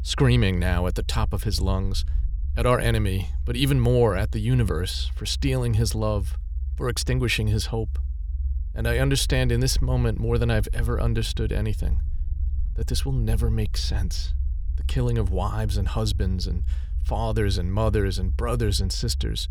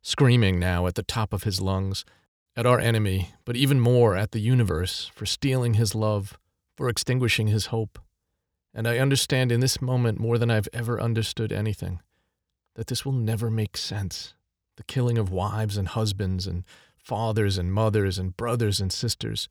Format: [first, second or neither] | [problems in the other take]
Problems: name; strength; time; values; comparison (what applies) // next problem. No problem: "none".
second | low rumble; faint; throughout; 20 dB below the speech